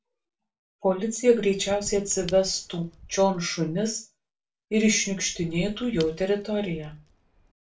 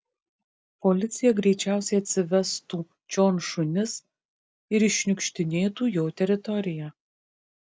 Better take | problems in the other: second | background sound (Shatter / Crushing); 19 dB below the speech // room echo; dies away in 0.2 s

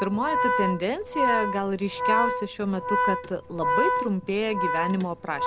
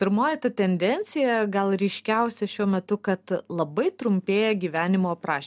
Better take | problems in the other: second | background sound (Organ); 1 dB above the speech

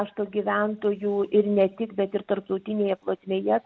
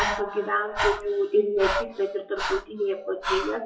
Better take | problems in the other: first | noise reduction (classical method WPE with log-MMSE)

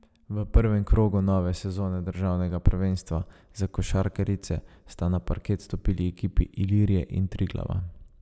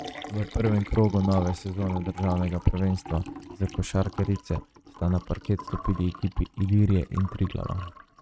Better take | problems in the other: first | noise reduction (neural mask model RNNoise)

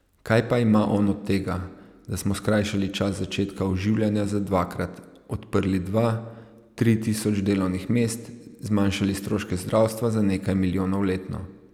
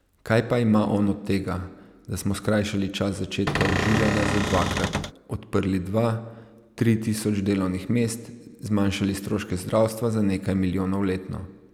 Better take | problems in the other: first | background sound (Cupboard open or close / Door); as loud as the speech

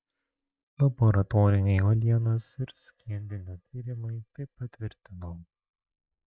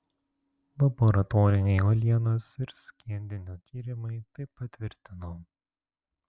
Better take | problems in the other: second | noise reduction (neural mask model DeepFilterNet 3)

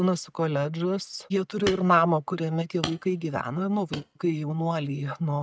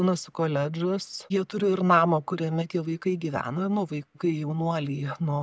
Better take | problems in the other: second | noise reduction (neural mask model RNNoise)

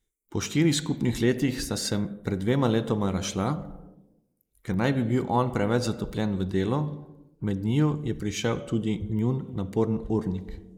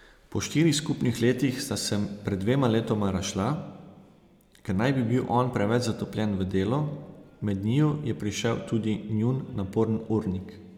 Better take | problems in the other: second | noise reduction (neural mask model Resemble Enhance denoiser)

